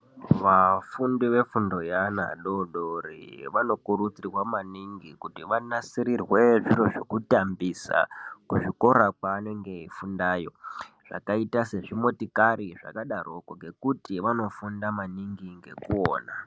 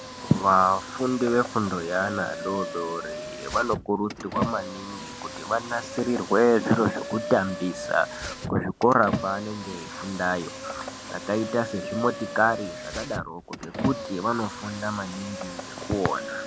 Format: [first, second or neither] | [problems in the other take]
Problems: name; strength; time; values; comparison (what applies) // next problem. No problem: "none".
first | background sound (Car); 9 dB below the speech